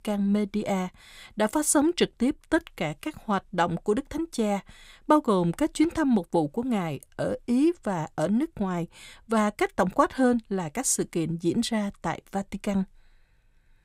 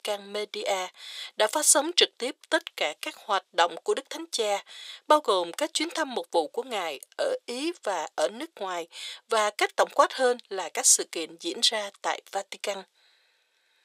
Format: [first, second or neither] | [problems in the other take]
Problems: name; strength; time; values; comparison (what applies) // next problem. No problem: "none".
first | thin; very; fading below 450 Hz